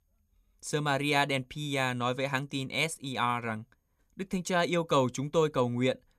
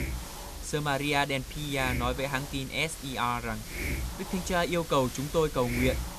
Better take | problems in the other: first | hiss; loud; throughout; 8 dB below the speech

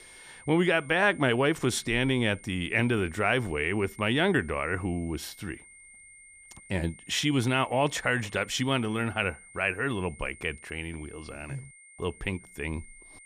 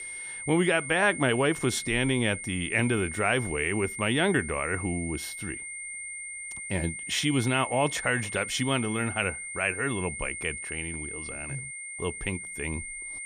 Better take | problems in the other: first | high-pitched whine; loud; throughout; 2 kHz, 8 dB below the speech; faint in the first

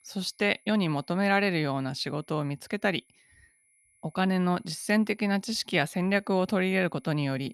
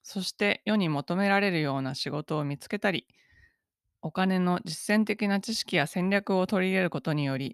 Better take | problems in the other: second | high-pitched whine; faint; throughout; 10.5 kHz, 35 dB below the speech

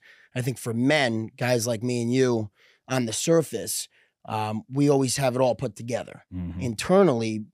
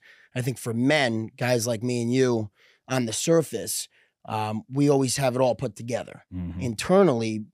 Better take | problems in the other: neither | none

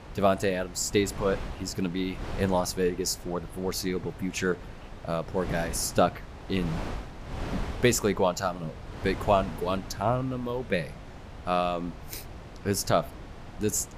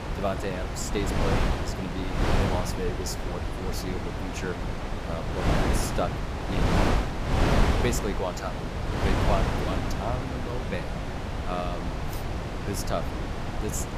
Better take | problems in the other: first | wind noise on the microphone; heavy; 2 dB above the speech; occasional gusts in the first

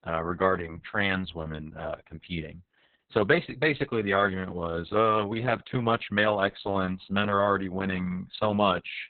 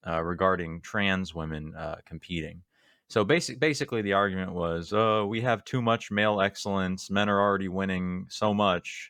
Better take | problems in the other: second | garbled, watery; badly; nothing above 4 kHz

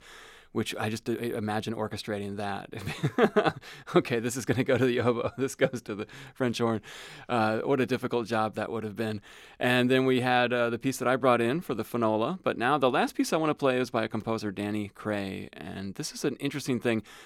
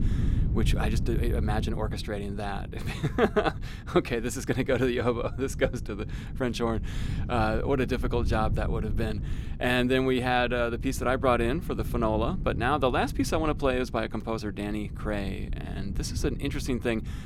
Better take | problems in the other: first | wind noise on the microphone; occasional gusts; 15 dB below the speech

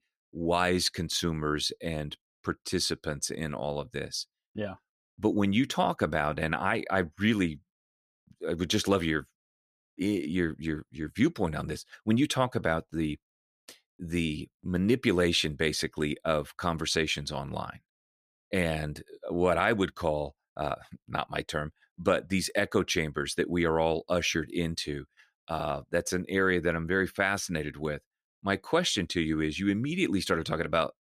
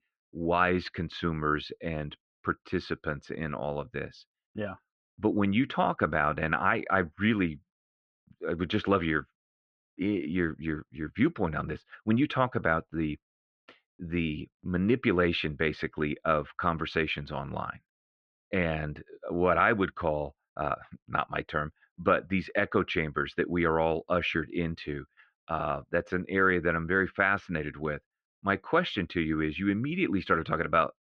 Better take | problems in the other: first | muffled; very; fading above 3 kHz

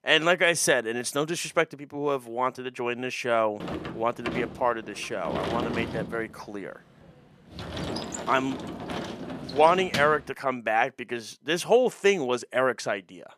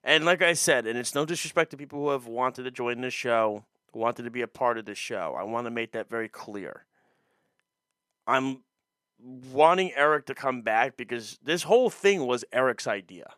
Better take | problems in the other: second | door banging; noticeable; from 3.5 to 10 s; peak 4 dB below the speech

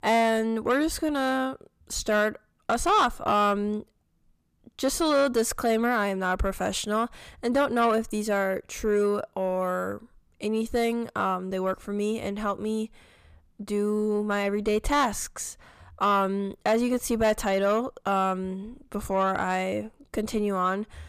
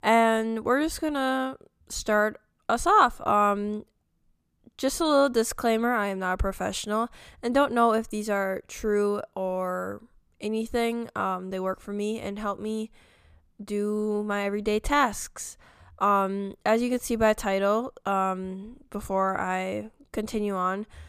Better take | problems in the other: second | distortion; slight; 10 dB below the speech

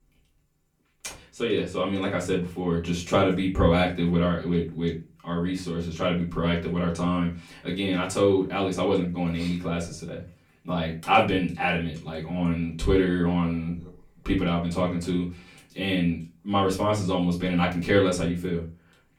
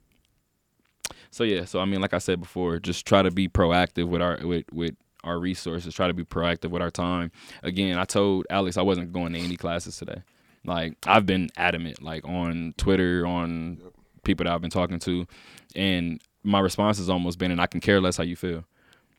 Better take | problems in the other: second | off-mic speech; far // room echo; slight; dies away in 0.3 s

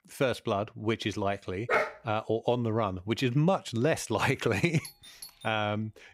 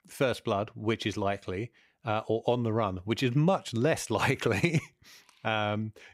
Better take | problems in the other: second | dog barking; loud; at 1.5 s; peak 1 dB above the speech // doorbell; faint; at 5 s; peak 15 dB below the speech

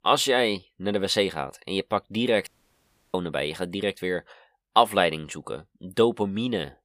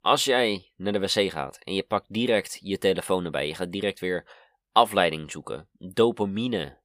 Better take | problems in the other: second | audio cutting out; at 2.5 s for 0.5 s

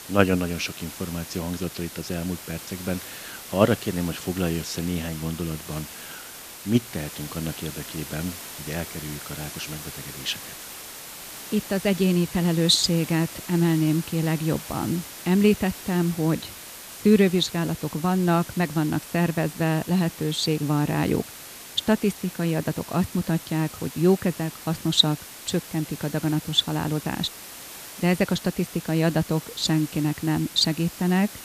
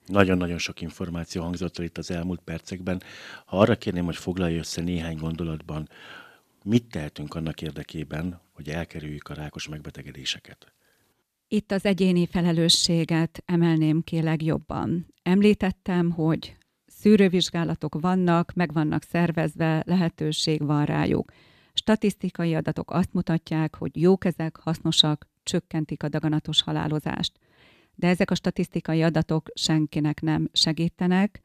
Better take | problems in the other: second | hiss; noticeable; throughout; 15 dB below the speech

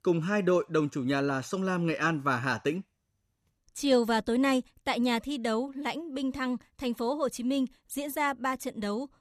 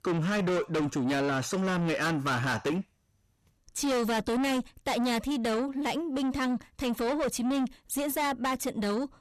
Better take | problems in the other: first | distortion; heavy; 6 dB below the speech

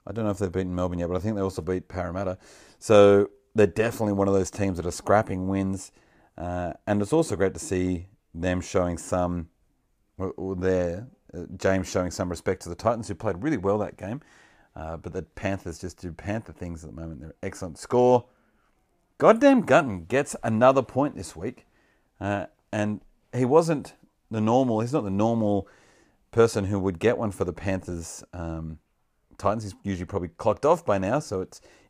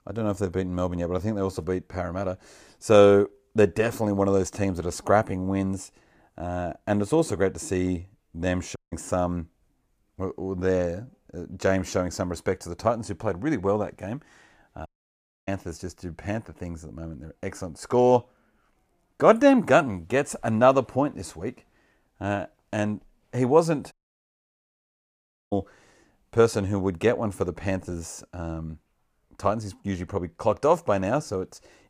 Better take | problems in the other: first | audio cutting out; at 9 s, at 15 s for 0.5 s and at 24 s for 1.5 s

